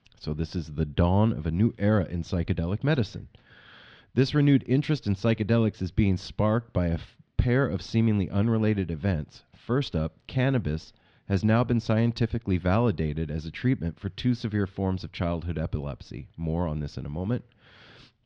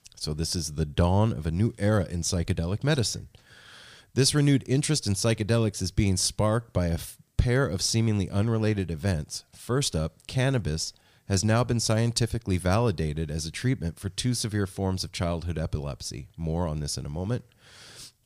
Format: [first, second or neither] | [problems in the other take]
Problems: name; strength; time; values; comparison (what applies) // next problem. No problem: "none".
second | muffled; slightly; fading above 3.5 kHz